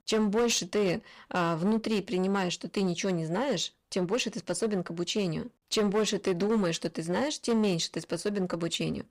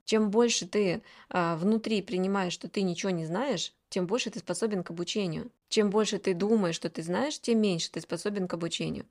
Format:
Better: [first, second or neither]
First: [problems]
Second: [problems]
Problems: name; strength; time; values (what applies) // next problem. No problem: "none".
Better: second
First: distortion; slight; 8% of the sound clipped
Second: none